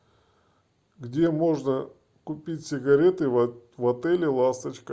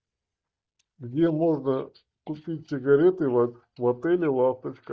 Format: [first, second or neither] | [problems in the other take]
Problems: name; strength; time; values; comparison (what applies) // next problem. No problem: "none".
first | noise reduction (neural mask model DeepFilterNet 3)